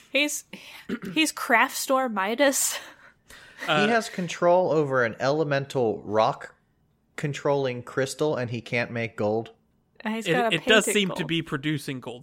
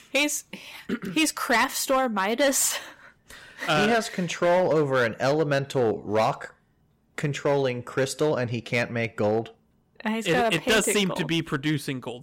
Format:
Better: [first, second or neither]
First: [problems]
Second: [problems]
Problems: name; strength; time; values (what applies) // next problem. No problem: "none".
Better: first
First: none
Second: distortion; slight; 5% of the sound clipped